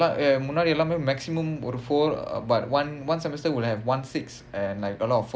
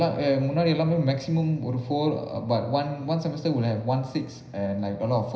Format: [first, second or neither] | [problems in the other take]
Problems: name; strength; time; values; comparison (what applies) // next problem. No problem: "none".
first | room echo; dies away in 0.9 s